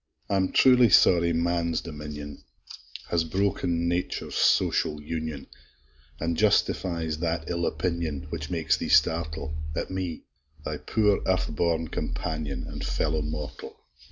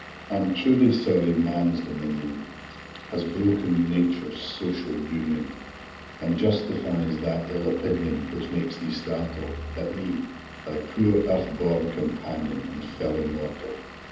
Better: first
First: none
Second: background sound (Engine / Vehicle); 16 dB below the speech // room echo; dies away in 0.8 s

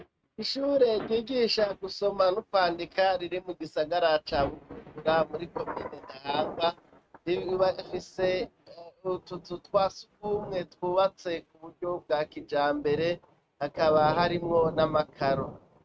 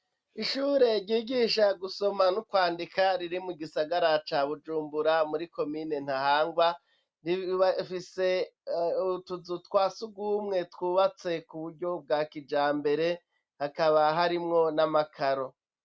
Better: second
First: noise reduction (neural mask model RNNoise)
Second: none

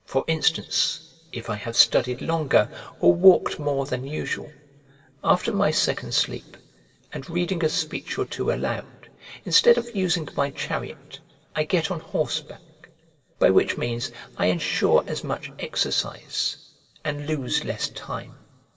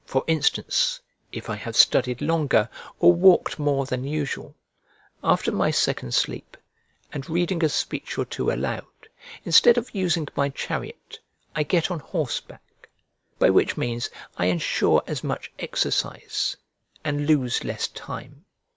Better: second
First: room echo; dies away in 1.6 s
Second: none

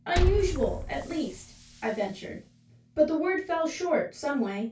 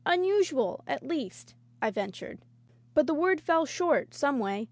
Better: second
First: background sound (Liquid); 3 dB below the speech // room echo; dies away in 0.2 s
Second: none

